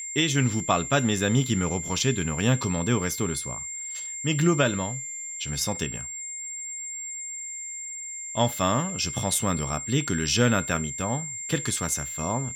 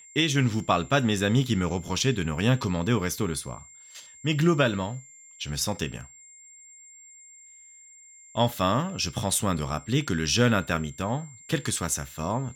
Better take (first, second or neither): second